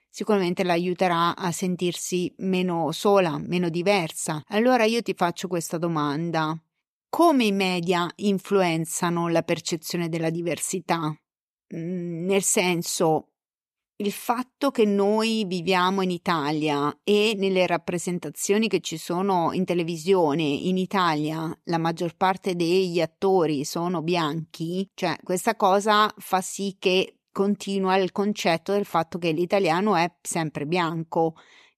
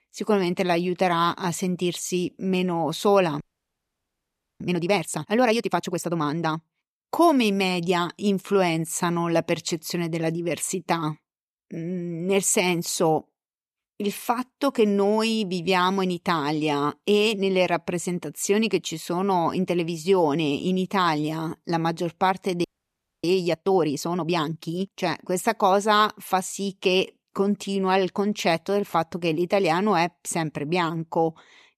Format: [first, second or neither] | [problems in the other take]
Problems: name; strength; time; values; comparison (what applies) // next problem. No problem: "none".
first | audio freezing; at 3.5 s for 1 s and at 23 s for 0.5 s